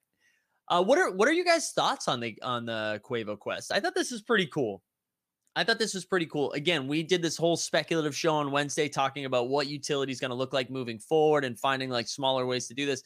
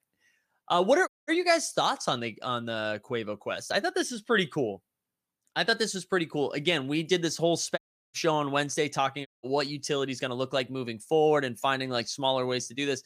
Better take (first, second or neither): first